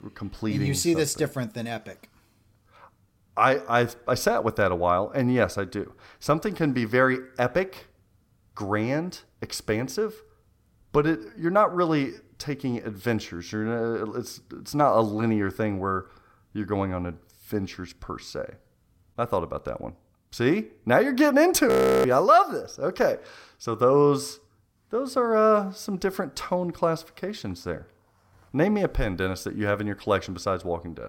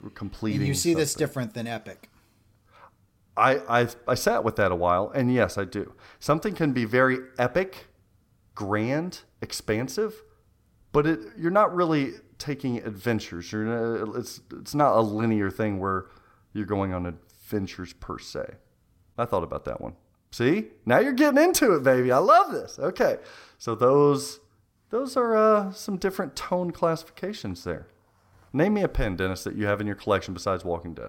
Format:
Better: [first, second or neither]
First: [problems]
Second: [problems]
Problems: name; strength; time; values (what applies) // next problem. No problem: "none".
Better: second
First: audio freezing; at 22 s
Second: none